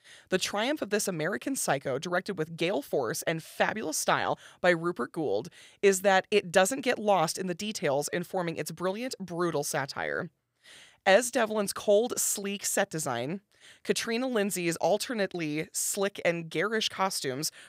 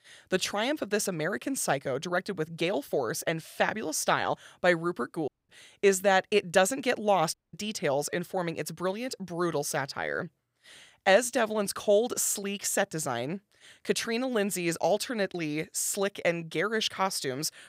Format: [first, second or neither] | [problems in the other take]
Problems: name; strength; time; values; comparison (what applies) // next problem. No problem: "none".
first | audio cutting out; at 5.5 s and at 7.5 s